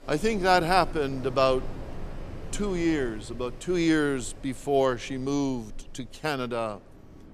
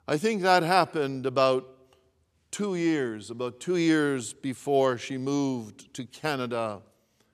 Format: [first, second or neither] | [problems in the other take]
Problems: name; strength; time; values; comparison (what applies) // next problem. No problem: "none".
second | wind in the background; noticeable; throughout; 15 dB below the speech